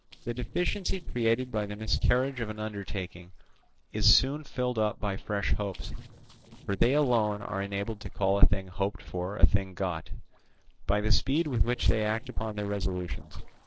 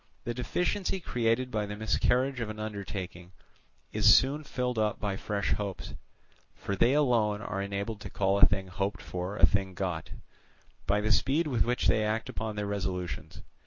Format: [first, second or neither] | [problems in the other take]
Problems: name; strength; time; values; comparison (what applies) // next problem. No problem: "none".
second | noise reduction (neural separator model SepFormer DNS4)